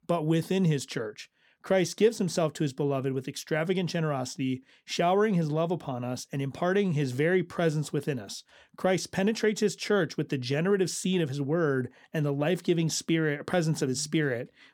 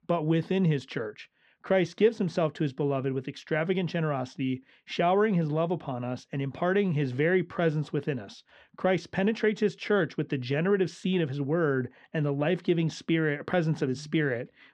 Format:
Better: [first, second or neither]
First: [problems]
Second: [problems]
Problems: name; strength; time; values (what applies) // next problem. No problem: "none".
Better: first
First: none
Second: muffled; slightly; fading above 2.5 kHz